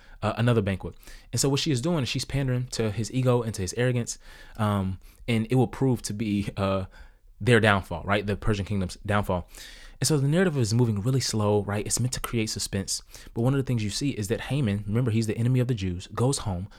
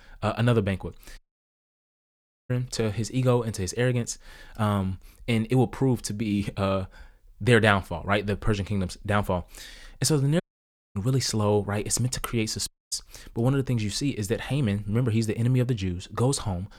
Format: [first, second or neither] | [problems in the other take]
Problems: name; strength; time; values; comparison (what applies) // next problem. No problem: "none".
first | audio cutting out; at 1 s for 1.5 s, at 10 s for 0.5 s and at 13 s